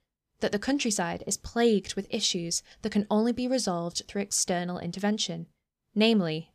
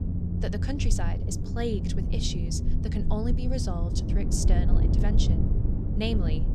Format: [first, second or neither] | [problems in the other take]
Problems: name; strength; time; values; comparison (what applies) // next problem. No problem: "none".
first | low rumble; loud; throughout; 4 dB below the speech